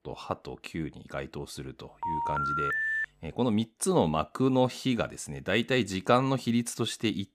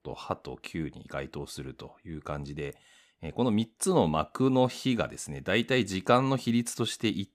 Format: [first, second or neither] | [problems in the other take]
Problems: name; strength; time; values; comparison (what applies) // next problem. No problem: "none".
second | phone ringing; loud; from 2 to 3 s; peak 2 dB above the speech